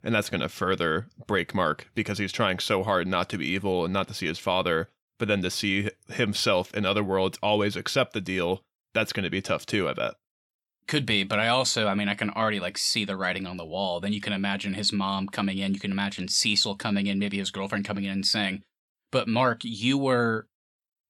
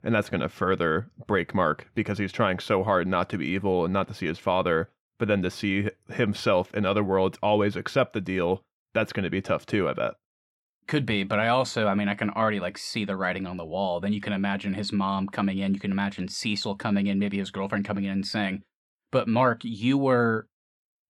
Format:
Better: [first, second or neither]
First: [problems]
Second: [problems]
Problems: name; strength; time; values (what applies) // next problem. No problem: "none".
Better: first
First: none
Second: muffled; slightly; fading above 2.5 kHz